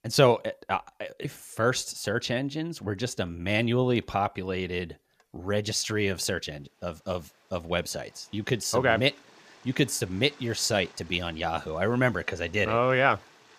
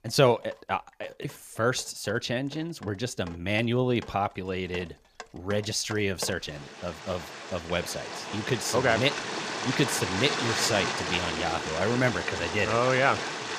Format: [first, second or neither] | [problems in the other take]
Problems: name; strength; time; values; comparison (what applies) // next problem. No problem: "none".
first | rain or running water; loud; throughout; 4 dB below the speech; faint in the first